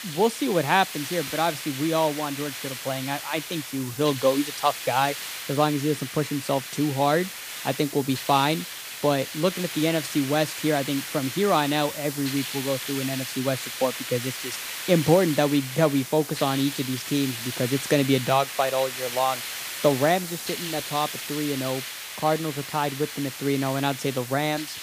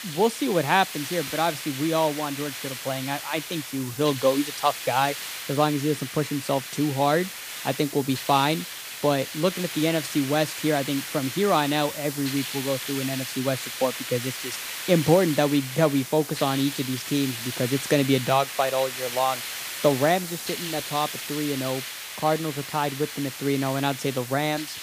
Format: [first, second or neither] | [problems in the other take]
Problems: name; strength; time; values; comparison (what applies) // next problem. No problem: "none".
neither | hiss; loud; throughout; 7 dB below the speech; the same in both